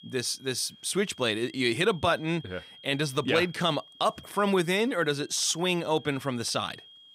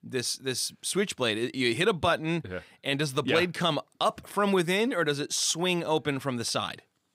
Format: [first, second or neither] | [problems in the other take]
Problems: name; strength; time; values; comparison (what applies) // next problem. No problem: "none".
second | high-pitched whine; faint; throughout; 3.5 kHz, 20 dB below the speech